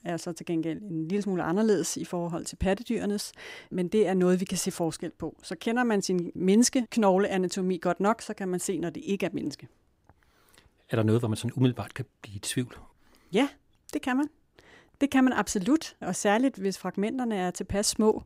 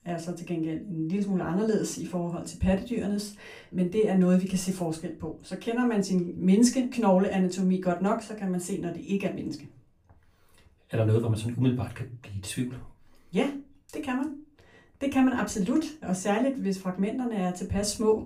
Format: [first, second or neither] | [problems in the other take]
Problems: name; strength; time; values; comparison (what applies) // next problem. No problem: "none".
first | off-mic speech; far // room echo; very slight; dies away in 0.3 s